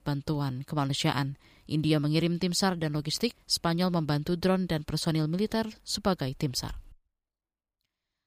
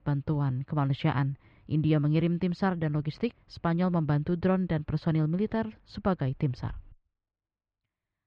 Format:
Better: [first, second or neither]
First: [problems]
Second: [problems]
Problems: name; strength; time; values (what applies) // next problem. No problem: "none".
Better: first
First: none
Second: muffled; very; fading above 2.5 kHz